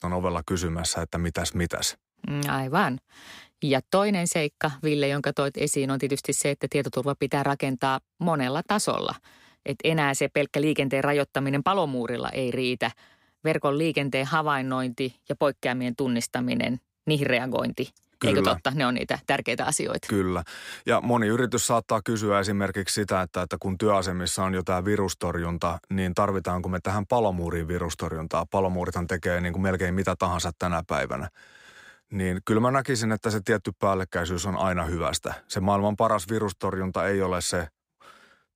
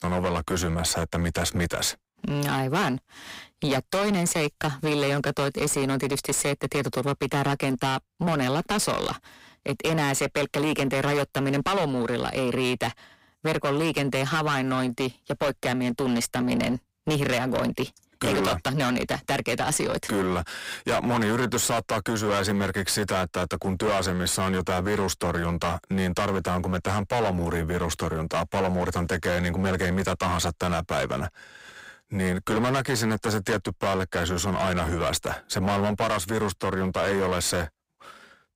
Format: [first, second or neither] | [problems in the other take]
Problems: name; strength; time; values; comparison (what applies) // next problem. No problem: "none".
first | distortion; heavy; 23% of the sound clipped